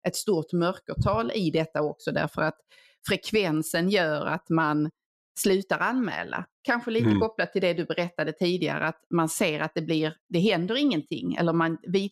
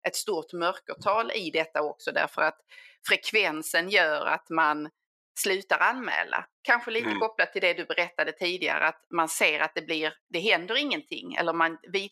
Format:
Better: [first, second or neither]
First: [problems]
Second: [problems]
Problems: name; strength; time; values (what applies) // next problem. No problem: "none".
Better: first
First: none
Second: thin; very; fading below 500 Hz